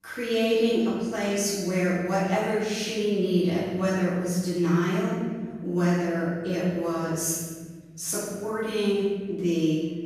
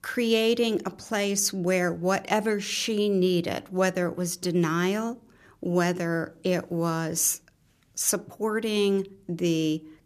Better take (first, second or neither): second